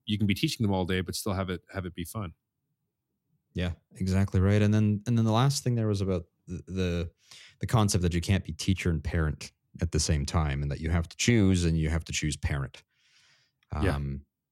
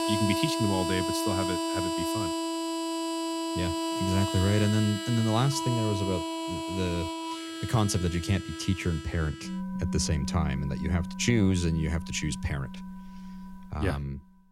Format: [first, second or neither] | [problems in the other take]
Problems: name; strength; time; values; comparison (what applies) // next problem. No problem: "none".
first | background music; loud; throughout; 3 dB below the speech